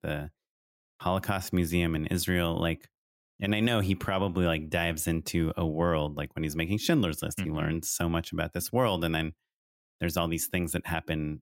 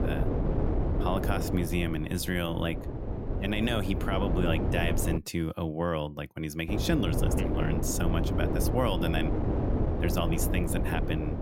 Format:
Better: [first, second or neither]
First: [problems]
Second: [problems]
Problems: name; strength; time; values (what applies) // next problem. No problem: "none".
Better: first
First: none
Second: wind noise on the microphone; heavy; until 5 s and from 6.5 s on; 3 dB below the speech